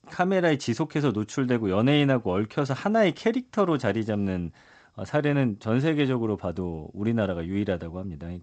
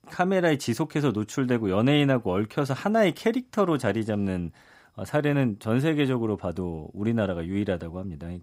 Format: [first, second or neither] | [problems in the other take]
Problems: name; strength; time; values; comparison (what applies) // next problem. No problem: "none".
second | garbled, watery; slightly; nothing above 8 kHz